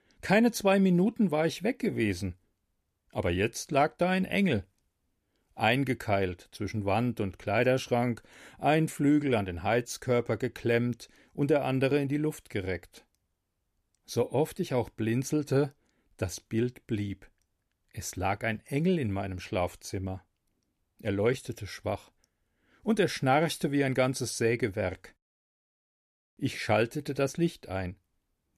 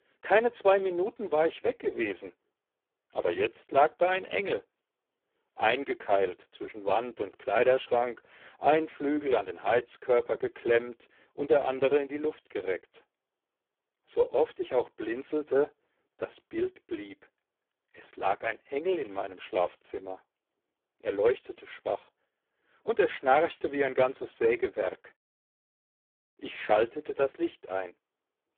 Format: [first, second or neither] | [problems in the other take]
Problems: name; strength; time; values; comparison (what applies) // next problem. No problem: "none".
first | phone-call audio; poor line